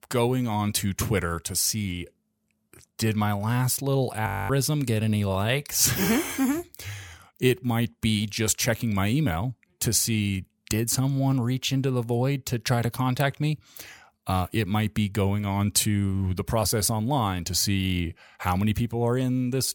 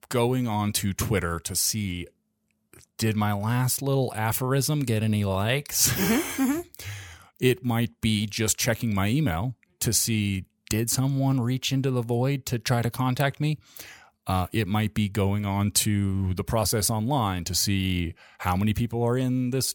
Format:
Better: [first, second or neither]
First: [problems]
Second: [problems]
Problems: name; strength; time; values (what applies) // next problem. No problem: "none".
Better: second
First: audio freezing; at 4.5 s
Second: none